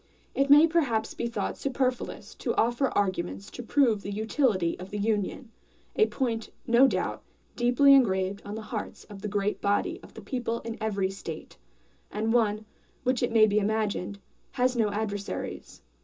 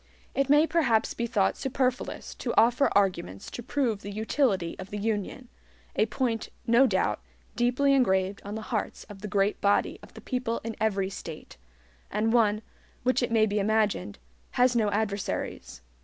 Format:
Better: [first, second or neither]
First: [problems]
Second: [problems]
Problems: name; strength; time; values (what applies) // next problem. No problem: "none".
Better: second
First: room echo; dies away in 0.2 s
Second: none